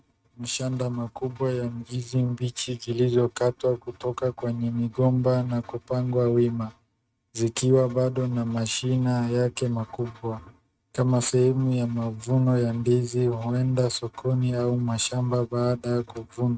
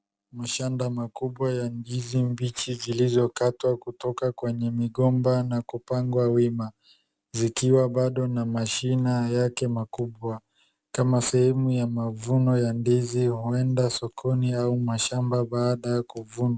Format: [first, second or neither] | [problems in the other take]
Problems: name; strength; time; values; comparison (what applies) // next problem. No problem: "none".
second | noise reduction (neural mask model RNNoise)